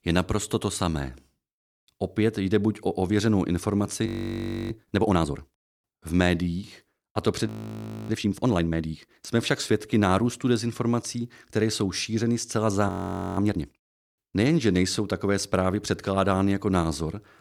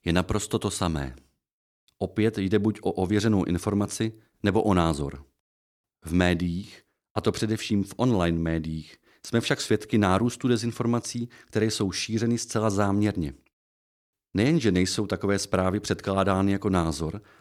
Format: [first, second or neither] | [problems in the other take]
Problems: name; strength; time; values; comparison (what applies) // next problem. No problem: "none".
second | audio freezing; at 4 s for 0.5 s, at 7.5 s for 0.5 s and at 13 s